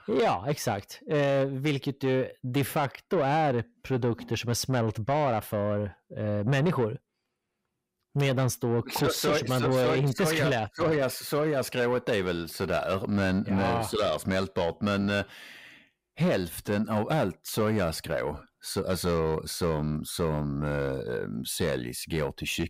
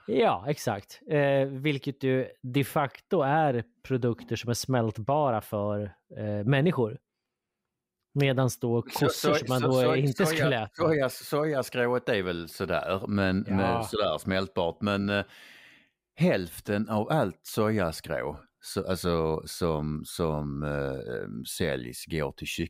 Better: second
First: distortion; slight; 10 dB below the speech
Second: none

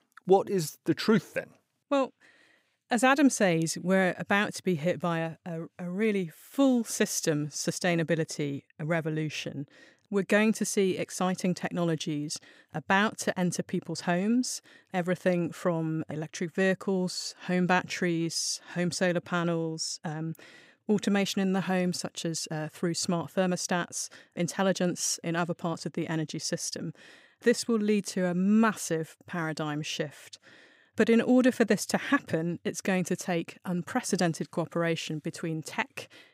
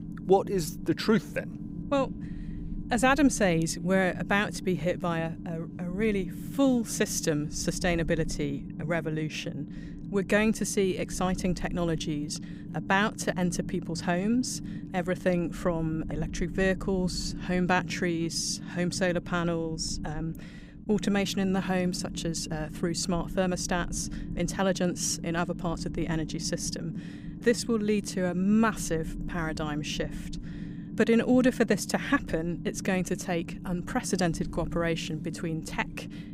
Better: first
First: none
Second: low rumble; noticeable; throughout; 15 dB below the speech

